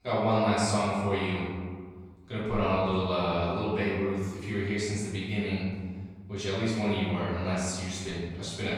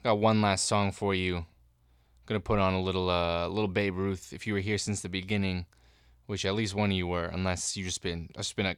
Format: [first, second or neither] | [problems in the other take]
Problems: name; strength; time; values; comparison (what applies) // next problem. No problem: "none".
second | off-mic speech; far // room echo; strong; dies away in 1.5 s